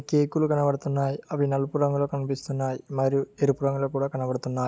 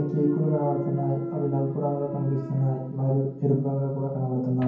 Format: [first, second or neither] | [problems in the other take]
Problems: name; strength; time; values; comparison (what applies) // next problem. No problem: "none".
first | background sound (Thump, thud); 10 dB below the speech // room echo; dies away in 0.9 s